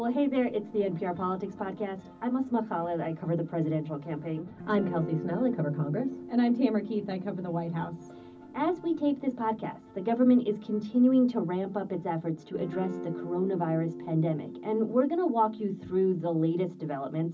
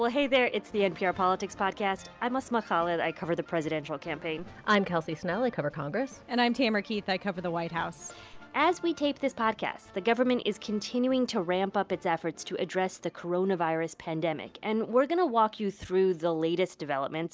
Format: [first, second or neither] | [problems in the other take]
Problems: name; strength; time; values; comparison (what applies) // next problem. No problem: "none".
second | background sound (Guitar); 15 dB below the speech // room echo; dies away in 0.4 s